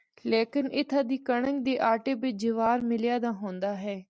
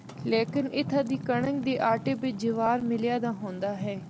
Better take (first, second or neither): first